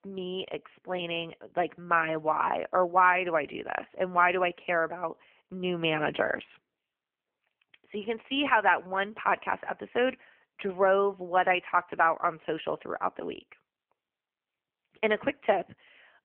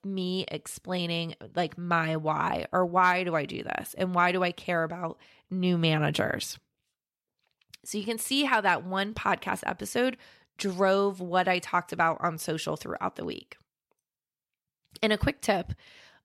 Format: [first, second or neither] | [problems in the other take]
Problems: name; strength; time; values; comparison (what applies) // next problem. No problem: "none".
second | phone-call audio; poor line; nothing above 3.5 kHz